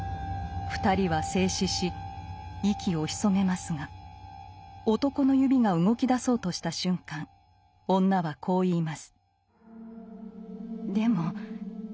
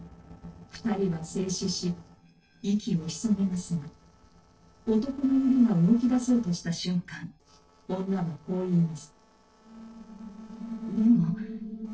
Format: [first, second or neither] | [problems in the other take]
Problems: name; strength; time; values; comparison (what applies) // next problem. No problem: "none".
first | noise reduction (neural separator model SepFormer DNS4)